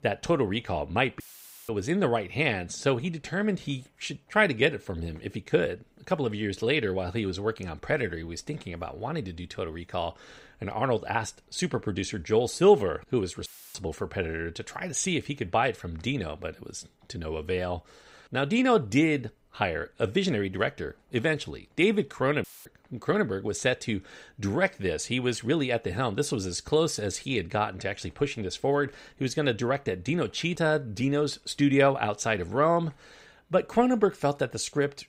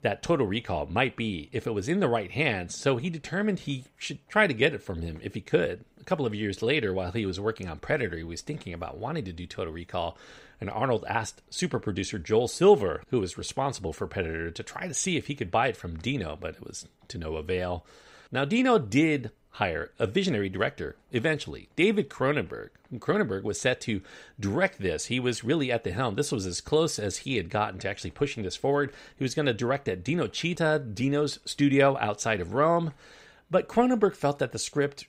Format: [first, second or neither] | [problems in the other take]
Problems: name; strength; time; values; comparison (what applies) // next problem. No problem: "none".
second | audio cutting out; filled with static; at 1 s, at 13 s and at 22 s